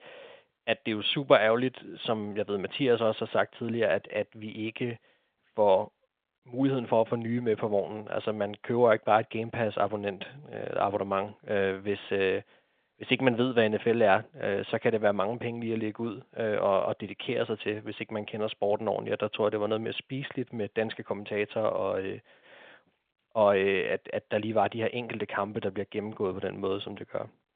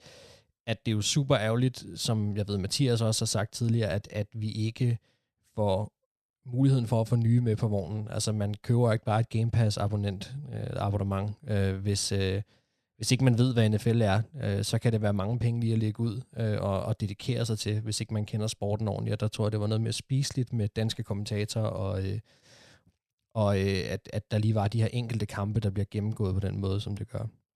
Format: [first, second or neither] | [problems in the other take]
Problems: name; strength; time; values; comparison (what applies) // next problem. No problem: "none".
second | phone-call audio